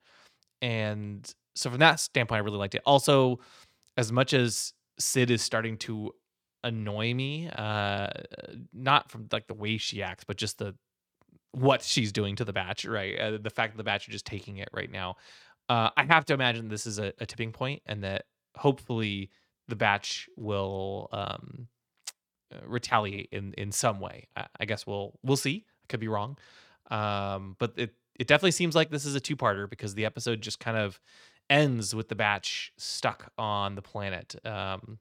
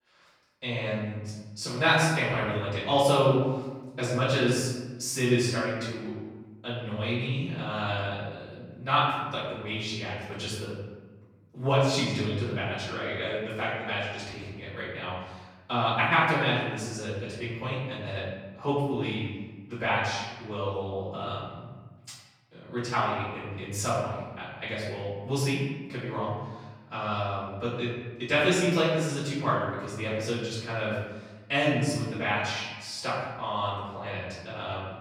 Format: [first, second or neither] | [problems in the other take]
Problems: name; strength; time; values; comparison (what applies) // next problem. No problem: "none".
first | off-mic speech; far // room echo; noticeable; dies away in 1.2 s